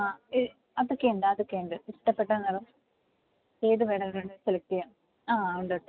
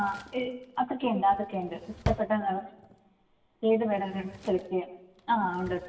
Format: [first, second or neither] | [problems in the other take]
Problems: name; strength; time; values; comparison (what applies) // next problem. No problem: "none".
first | background sound (Drawer open or close); 13 dB below the speech // room echo; dies away in 0.8 s